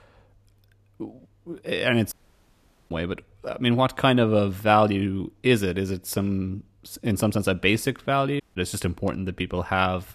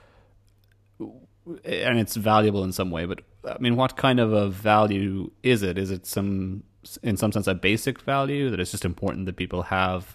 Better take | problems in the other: second | audio cutting out; at 2 s for 1 s and at 8.5 s

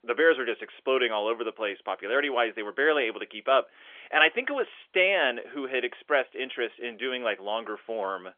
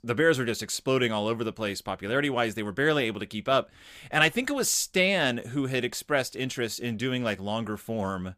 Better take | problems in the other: second | phone-call audio; nothing above 3.5 kHz

